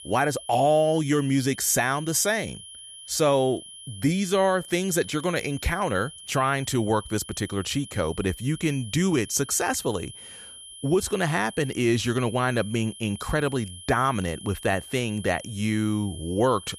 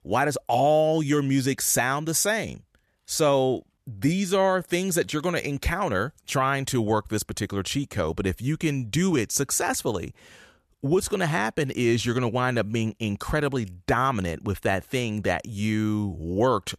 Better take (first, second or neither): second